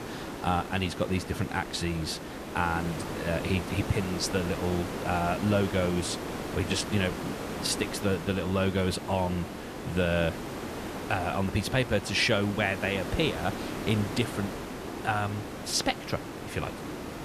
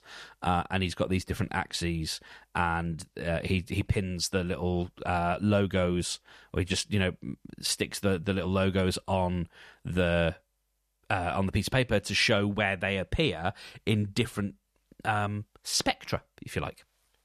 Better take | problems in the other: second | hiss; loud; throughout; 7 dB below the speech

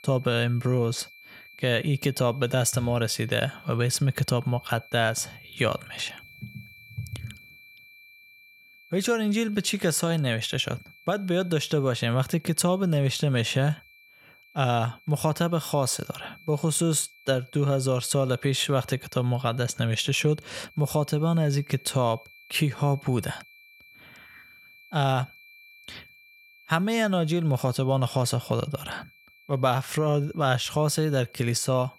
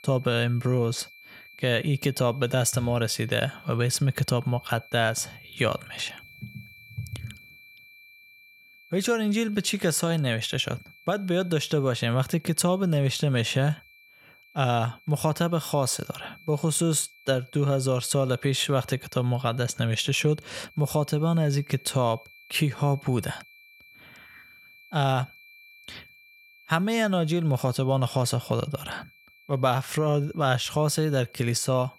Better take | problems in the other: neither | high-pitched whine; faint; throughout; 2.5 kHz, 25 dB below the speech; the same in both

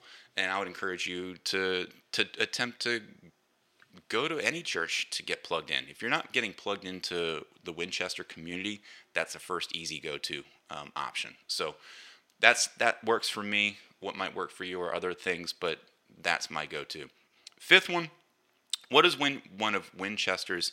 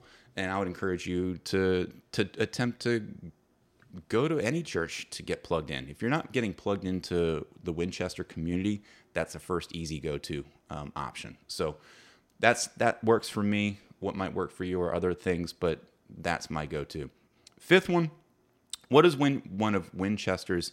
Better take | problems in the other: second | thin; somewhat; fading below 800 Hz

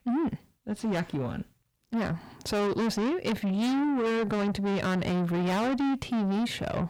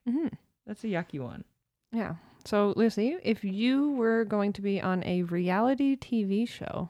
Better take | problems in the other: second | distortion; heavy; 6 dB below the speech

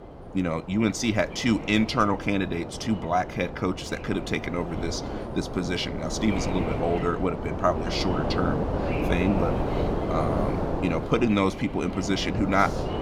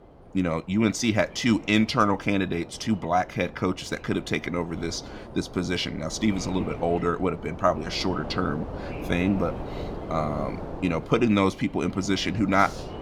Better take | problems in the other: second | wind noise on the microphone; heavy; 5 dB below the speech; occasional gusts in the second

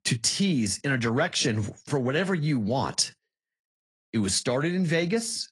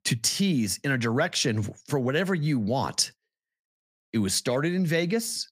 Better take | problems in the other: second | garbled, watery; slightly; nothing above 10.5 kHz

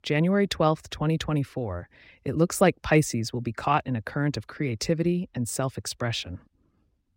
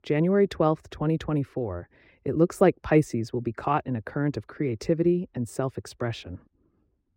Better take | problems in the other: first | muffled; slightly; fading above 2.5 kHz

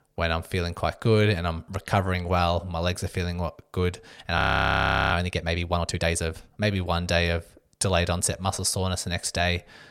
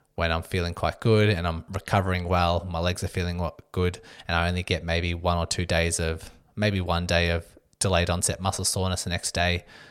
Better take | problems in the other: second | audio freezing; at 4.5 s for 1 s

